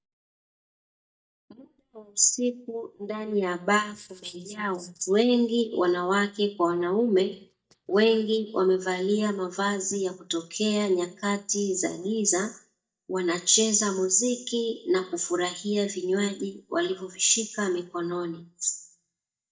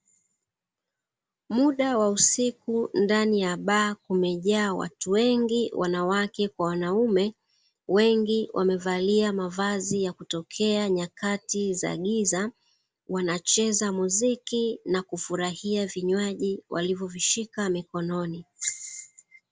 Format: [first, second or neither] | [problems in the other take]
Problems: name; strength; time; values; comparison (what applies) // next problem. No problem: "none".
second | noise reduction (neural mask model DeepFilterNet 3)